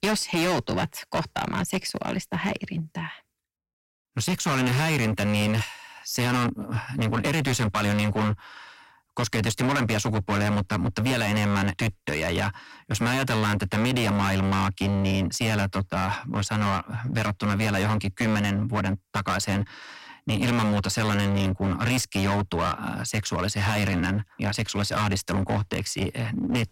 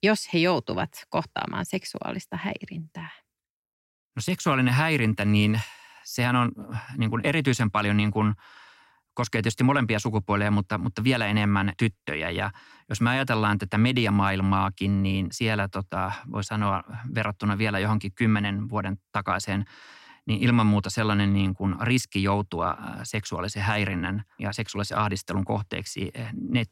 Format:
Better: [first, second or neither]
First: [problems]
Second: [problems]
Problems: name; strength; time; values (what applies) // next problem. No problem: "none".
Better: second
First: distortion; heavy; 24% of the sound clipped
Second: none